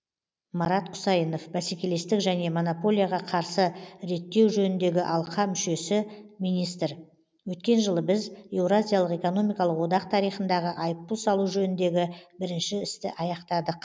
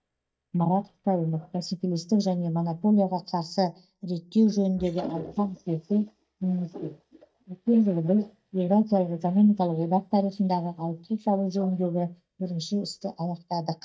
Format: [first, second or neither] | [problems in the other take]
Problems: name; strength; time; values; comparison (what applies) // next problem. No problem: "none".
first | noise reduction (neural mask model DeepFilterNet 3)